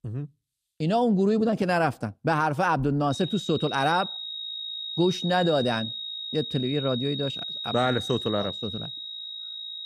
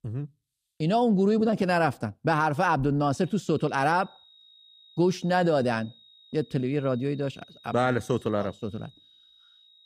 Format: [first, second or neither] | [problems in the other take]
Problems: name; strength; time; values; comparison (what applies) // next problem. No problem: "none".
second | high-pitched whine; loud; from 3 s on; 4 kHz, 6 dB below the speech; faint in the second